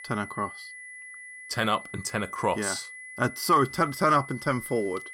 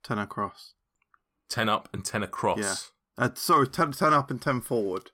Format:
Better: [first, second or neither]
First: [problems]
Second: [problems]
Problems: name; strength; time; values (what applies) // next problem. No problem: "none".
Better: second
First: high-pitched whine; noticeable; throughout; 2 kHz, 15 dB below the speech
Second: none